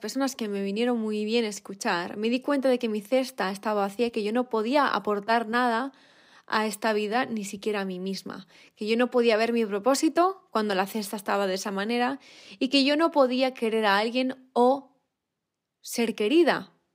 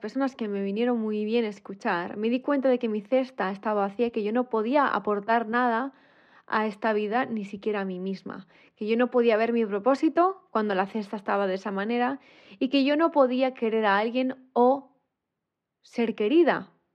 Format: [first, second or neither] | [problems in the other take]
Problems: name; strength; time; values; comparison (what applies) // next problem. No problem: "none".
first | muffled; slightly; fading above 2.5 kHz